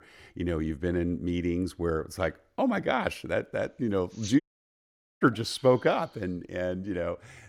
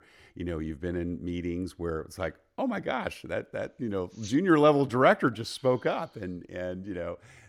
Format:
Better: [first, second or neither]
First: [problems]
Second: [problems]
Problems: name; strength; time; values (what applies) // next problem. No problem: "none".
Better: second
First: audio cutting out; at 4.5 s for 1 s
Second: none